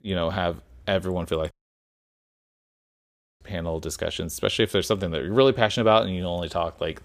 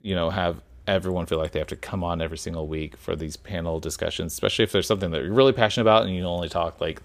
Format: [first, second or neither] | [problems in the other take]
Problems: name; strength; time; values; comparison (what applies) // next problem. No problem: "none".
second | audio cutting out; at 1.5 s for 2 s